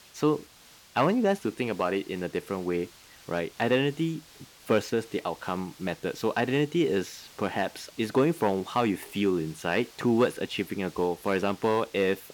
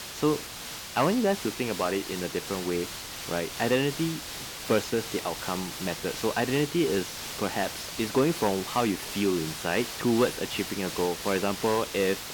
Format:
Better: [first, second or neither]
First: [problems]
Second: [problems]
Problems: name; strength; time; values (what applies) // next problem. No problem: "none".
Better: first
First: hiss; faint; throughout; 20 dB below the speech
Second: hiss; loud; throughout; 7 dB below the speech